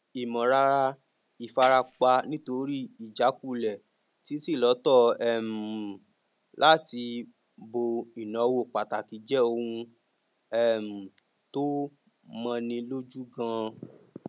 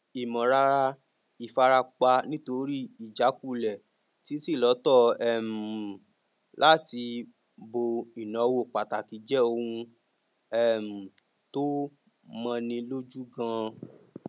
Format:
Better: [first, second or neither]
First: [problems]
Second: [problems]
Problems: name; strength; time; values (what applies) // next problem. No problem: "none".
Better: second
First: background sound (Gunshot, gunfire); 18 dB below the speech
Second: none